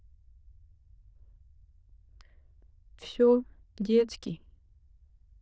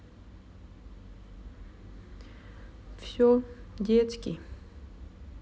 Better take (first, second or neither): second